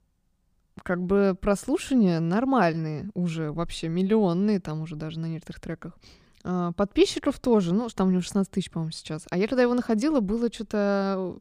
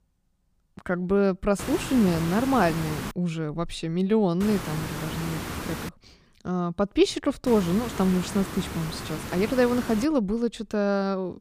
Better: first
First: none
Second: hiss; loud; from 1.5 to 3 s, from 4.5 to 6 s and from 7.5 to 10 s; 9 dB below the speech

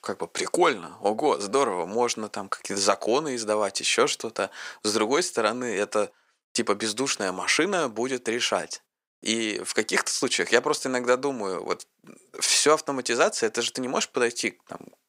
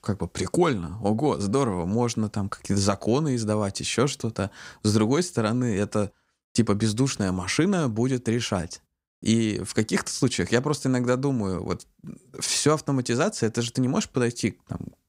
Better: second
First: thin; somewhat; fading below 500 Hz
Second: none

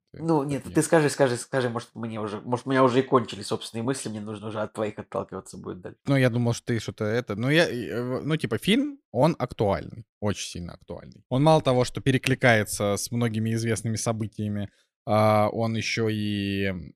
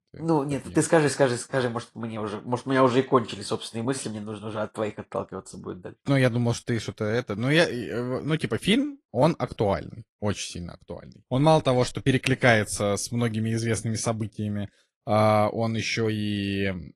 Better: first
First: none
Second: garbled, watery; slightly

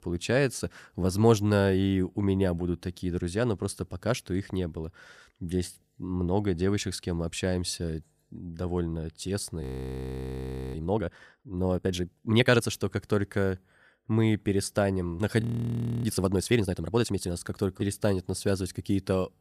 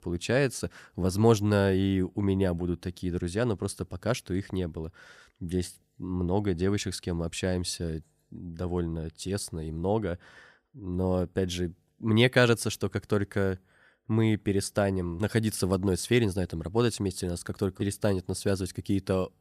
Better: second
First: audio freezing; at 9.5 s for 1 s and at 15 s for 0.5 s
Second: none

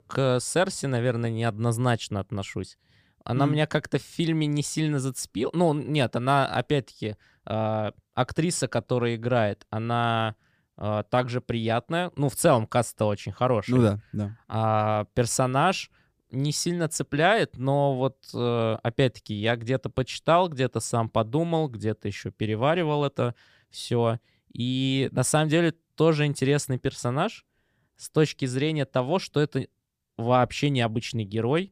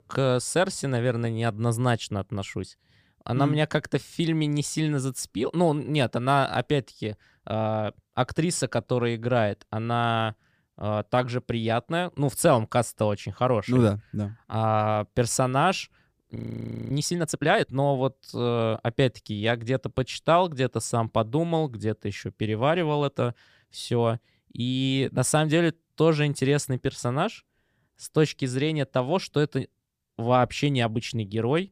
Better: first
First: none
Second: audio freezing; at 16 s for 0.5 s

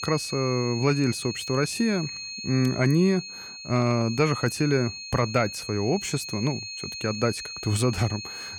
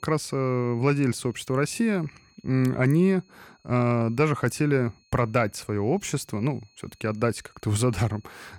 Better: second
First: high-pitched whine; loud; throughout; 4.5 kHz, 8 dB below the speech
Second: high-pitched whine; faint; throughout; 4.5 kHz, 35 dB below the speech

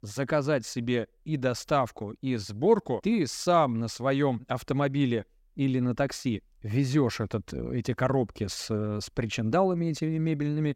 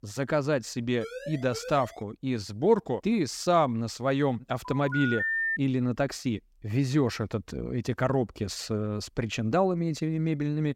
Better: first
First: none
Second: siren; faint; at 1 s; peak 10 dB below the speech // phone ringing; loud; at 4.5 s; peak 2 dB above the speech

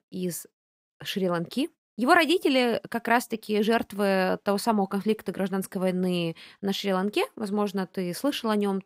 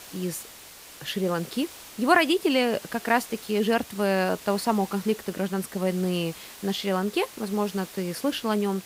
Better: first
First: none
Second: hiss; noticeable; throughout; 15 dB below the speech

